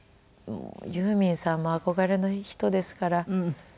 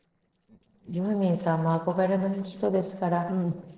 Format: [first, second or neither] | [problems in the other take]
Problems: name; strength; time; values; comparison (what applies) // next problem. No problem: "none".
first | noise reduction (neural separator model SepFormer DNS4)